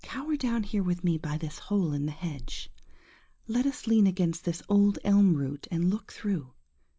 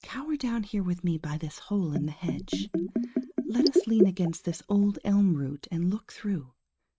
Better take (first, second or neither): first